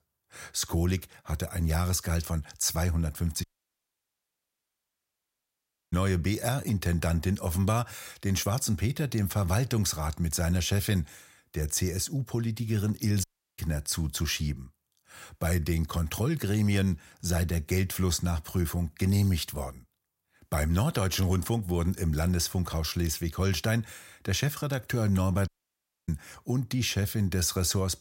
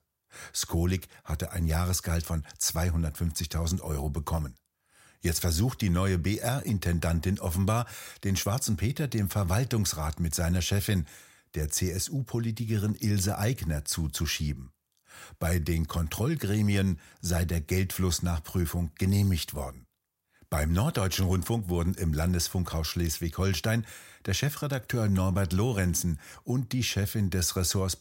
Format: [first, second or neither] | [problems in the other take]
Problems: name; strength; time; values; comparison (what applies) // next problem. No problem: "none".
second | audio cutting out; at 3.5 s for 2.5 s, at 13 s and at 25 s for 0.5 s